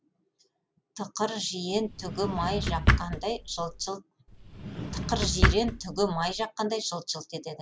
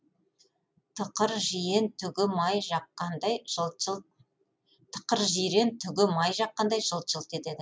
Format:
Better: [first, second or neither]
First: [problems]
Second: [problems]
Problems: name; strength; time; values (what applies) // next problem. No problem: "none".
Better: second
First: background sound (Drawer open or close); 2 dB above the speech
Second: none